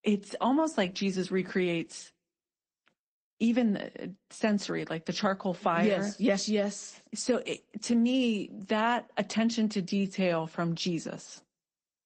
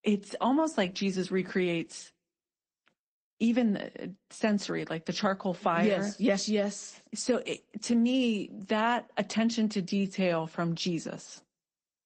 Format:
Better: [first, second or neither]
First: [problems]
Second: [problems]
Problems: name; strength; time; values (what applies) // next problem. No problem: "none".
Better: neither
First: garbled, watery; slightly; nothing above 8.5 kHz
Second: garbled, watery; slightly; nothing above 8.5 kHz